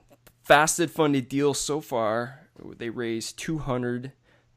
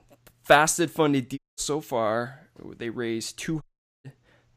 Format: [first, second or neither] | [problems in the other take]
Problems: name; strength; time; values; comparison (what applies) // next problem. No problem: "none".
first | audio cutting out; at 1.5 s and at 3.5 s